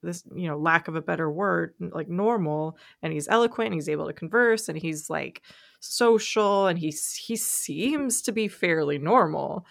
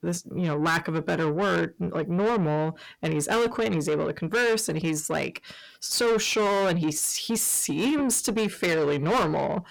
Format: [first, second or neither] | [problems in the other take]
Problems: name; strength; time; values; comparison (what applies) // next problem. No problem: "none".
first | distortion; heavy; 6 dB below the speech